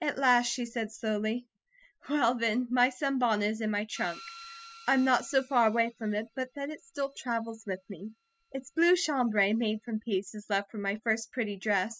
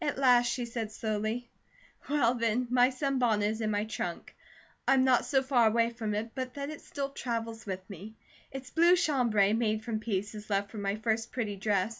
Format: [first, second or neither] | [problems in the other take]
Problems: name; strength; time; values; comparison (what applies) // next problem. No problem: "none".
second | noise reduction (classical method spectral subtraction)